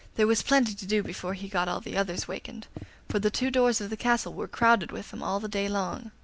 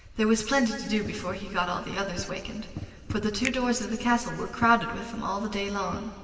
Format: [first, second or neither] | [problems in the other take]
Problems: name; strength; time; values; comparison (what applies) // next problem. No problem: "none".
first | background sound (Finger snapping); 16 dB below the speech // room echo; dies away in 2.6 s